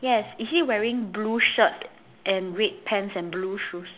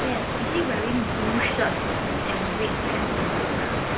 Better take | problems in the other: first | background sound (Water); 4 dB above the speech // room echo; dies away in 0.2 s

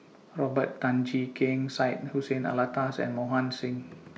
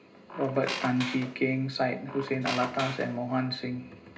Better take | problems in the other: first | background sound (Squeak); 8 dB below the speech // room echo; dies away in 0.2 s

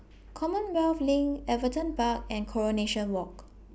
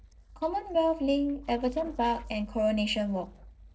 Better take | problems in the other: first | noise reduction (neural separator model SepFormer DNS4)

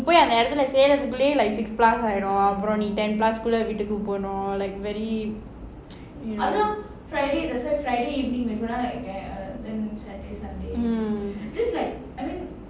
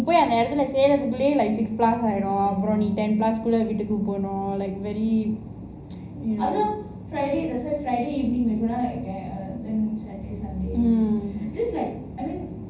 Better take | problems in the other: first | room echo; dies away in 0.4 s

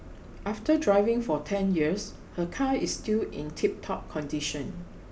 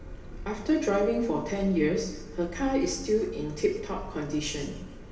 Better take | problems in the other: first | room echo; dies away in 0.9 s

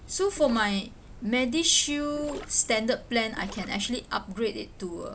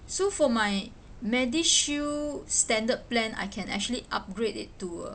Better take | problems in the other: second | background sound (Gurgling); 20 dB below the speech

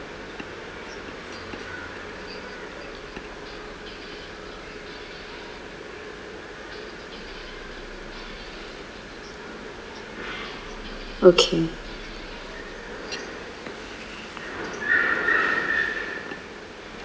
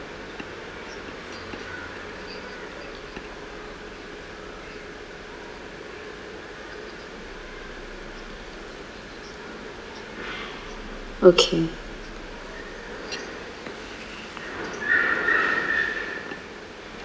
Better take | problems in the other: second | background sound (Glass); 19 dB below the speech

